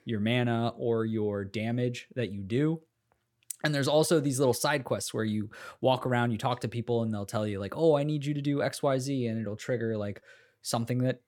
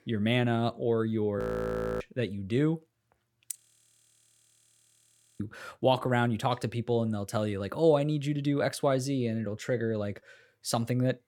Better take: first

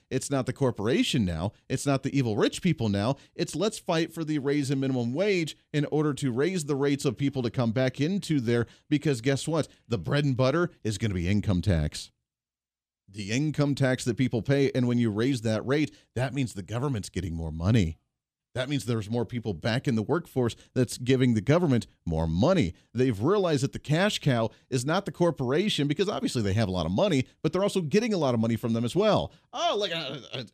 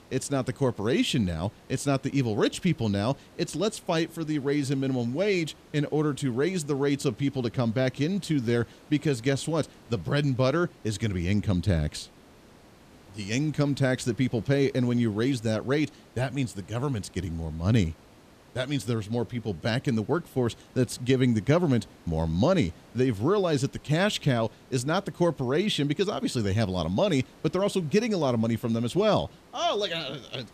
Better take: first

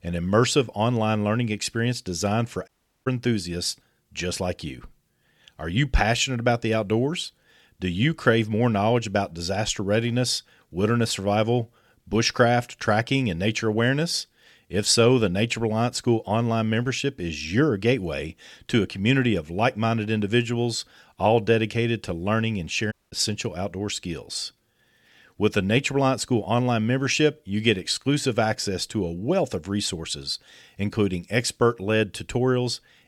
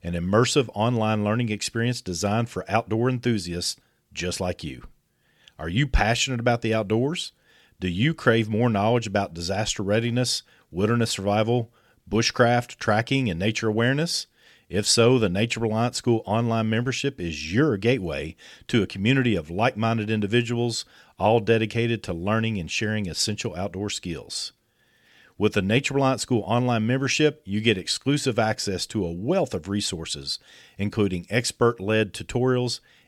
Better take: second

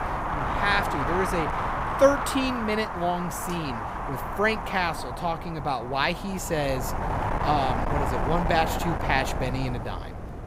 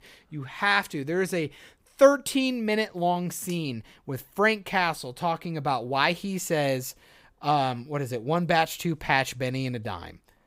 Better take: second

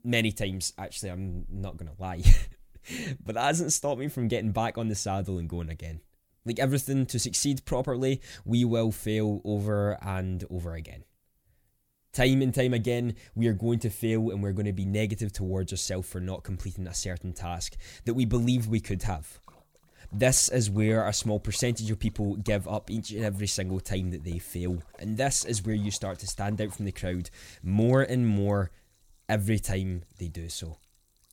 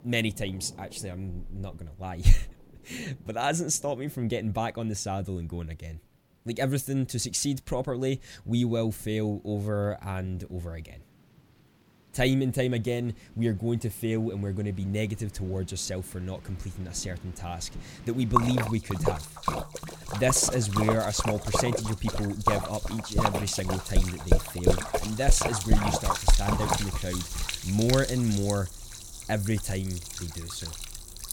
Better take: first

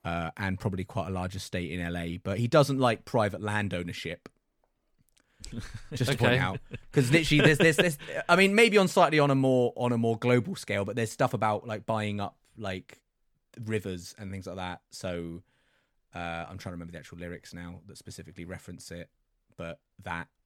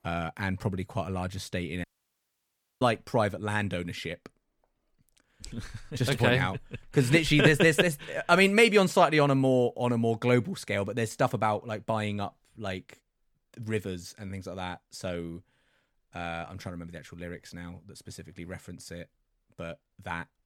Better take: first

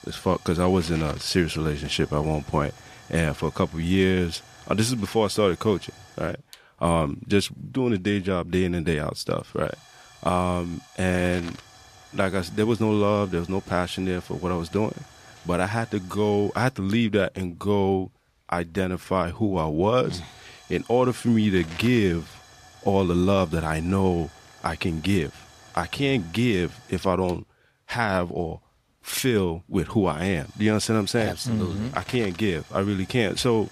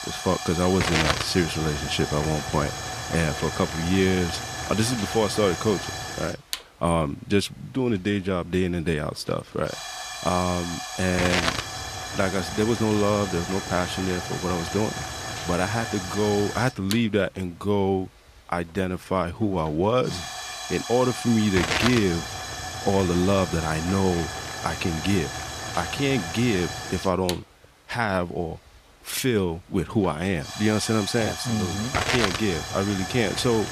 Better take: first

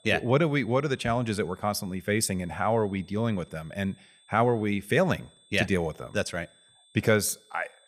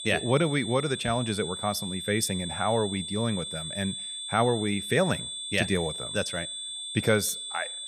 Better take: first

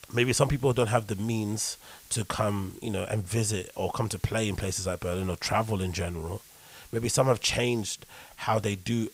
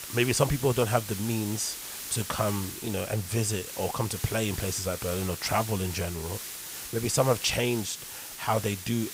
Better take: first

